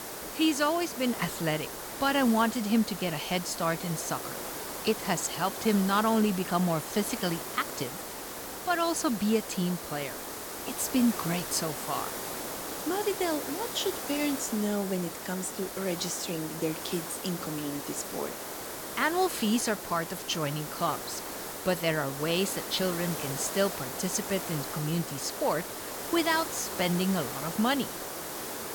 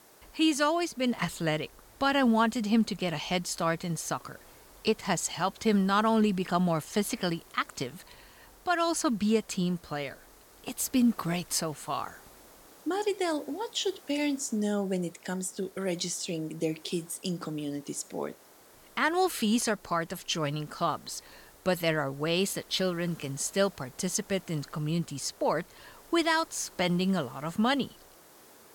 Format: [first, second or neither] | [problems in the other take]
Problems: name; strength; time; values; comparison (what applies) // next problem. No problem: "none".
second | hiss; loud; throughout; 6 dB below the speech; faint in the second